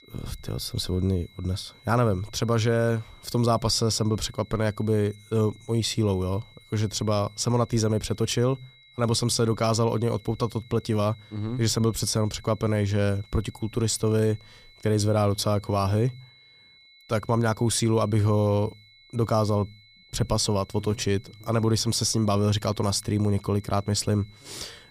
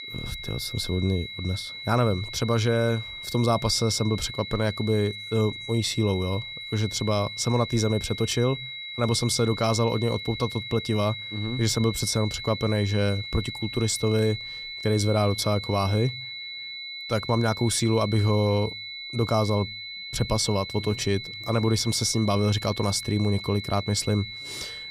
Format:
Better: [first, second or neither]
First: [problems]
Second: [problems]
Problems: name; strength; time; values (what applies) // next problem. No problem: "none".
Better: first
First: high-pitched whine; faint; throughout; 4 kHz, 25 dB below the speech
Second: high-pitched whine; loud; throughout; 4 kHz, 9 dB below the speech